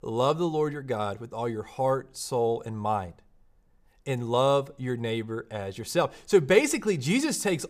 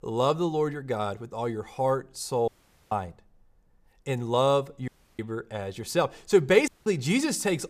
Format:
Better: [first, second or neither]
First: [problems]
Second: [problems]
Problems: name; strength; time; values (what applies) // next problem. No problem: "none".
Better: first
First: none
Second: audio cutting out; at 2.5 s, at 5 s and at 6.5 s